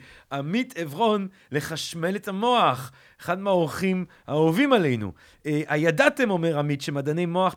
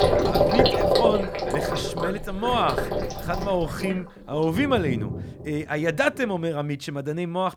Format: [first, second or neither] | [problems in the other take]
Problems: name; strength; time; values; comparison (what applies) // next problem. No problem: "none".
first | rain or running water; very loud; throughout; 2 dB above the speech